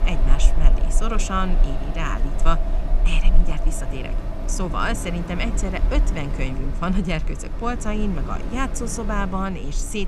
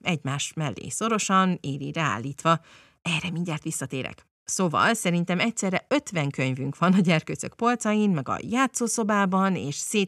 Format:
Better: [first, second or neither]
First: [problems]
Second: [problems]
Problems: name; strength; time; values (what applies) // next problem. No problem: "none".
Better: second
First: wind in the background; very loud; throughout; 2 dB above the speech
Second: none